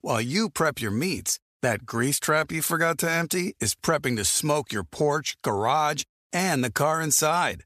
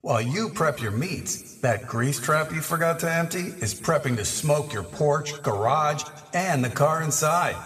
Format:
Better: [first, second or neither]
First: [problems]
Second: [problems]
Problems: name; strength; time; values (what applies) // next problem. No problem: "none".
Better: first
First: none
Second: room echo; slight; dies away in 1.8 s